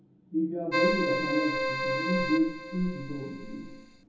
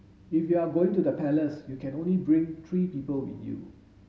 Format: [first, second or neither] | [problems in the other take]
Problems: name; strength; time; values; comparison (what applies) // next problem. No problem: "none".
second | background sound (Keyboard (musical)); as loud as the speech // room echo; dies away in 2.2 s